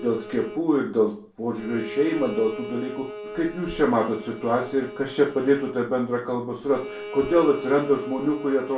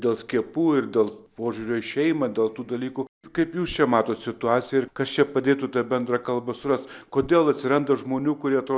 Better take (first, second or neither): second